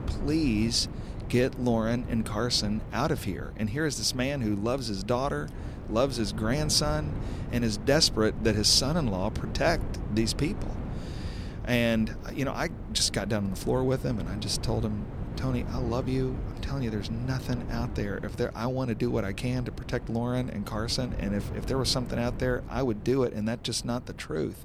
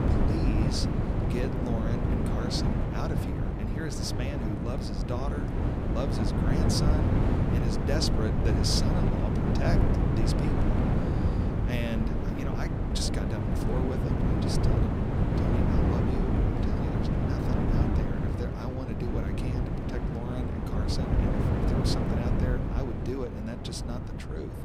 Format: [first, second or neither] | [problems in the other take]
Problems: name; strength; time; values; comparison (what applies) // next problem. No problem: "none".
first | wind noise on the microphone; heavy; 3 dB above the speech; occasional gusts in the first